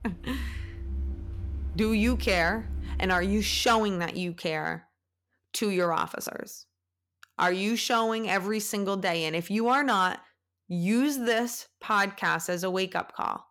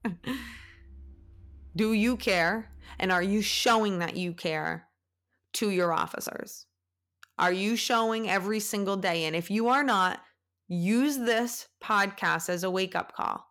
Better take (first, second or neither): second